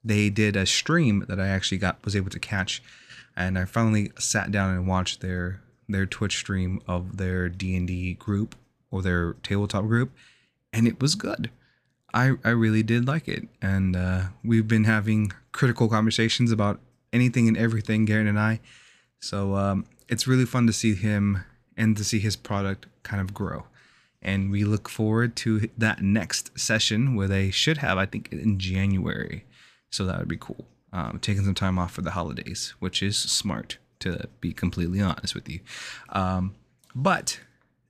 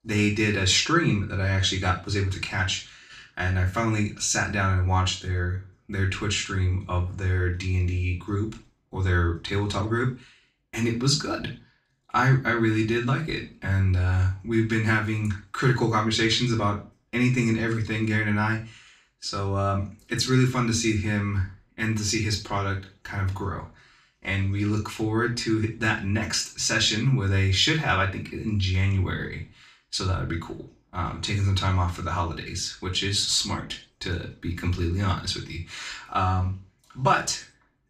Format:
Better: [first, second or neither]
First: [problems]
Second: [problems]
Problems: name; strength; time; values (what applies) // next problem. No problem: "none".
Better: first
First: none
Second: room echo; slight; dies away in 0.3 s // off-mic speech; far